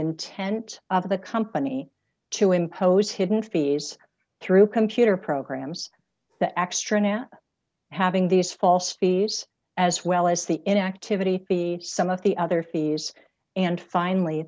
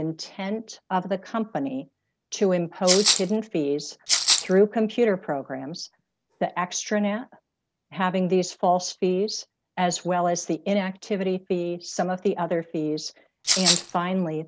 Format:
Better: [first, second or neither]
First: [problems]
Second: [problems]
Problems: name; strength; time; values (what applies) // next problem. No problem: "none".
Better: first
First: none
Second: background sound (Rattle (instrument)); 3 dB above the speech